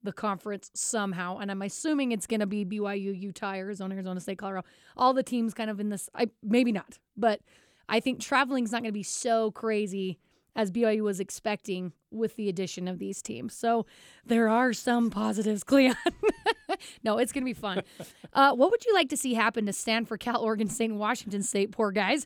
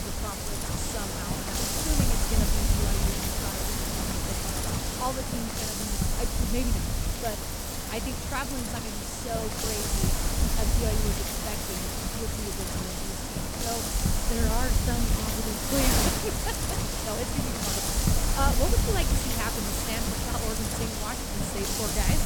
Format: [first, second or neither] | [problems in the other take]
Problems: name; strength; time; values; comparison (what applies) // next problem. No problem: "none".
first | wind noise on the microphone; heavy; 5 dB above the speech